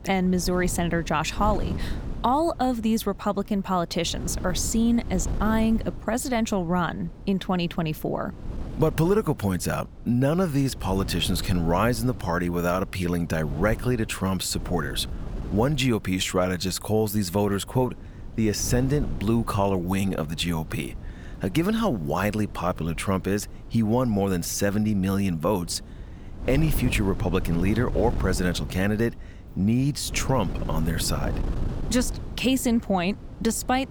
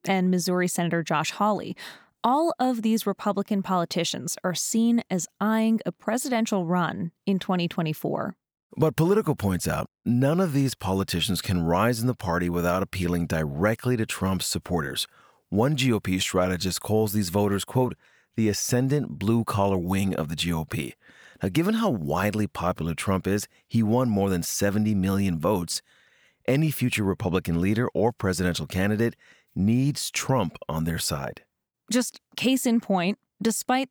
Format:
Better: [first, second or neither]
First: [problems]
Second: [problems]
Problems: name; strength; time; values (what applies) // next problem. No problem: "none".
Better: second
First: wind noise on the microphone; occasional gusts; 15 dB below the speech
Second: none